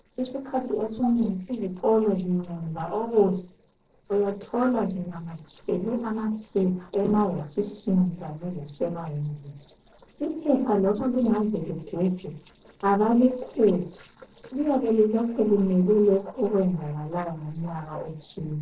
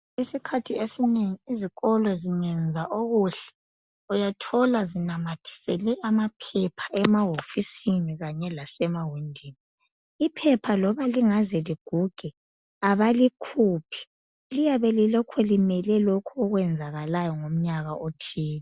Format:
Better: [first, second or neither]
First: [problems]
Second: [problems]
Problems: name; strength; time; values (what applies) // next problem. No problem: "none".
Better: second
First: noise reduction (neural separator model SepFormer DNS4)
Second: none